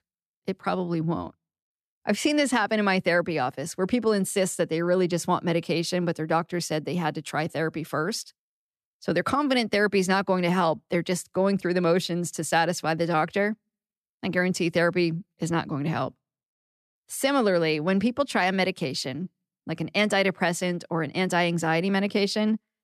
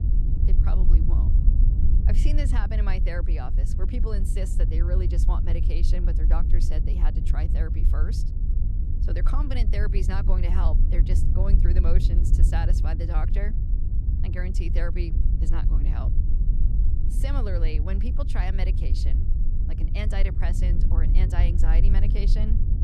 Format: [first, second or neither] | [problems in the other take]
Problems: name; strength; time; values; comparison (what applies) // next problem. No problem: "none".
first | wind noise on the microphone; heavy; 5 dB below the speech